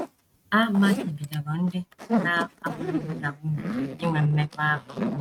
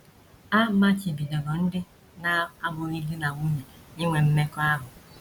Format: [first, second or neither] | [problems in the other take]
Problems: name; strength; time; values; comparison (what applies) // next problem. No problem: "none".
second | noise reduction (neural mask model RNNoise)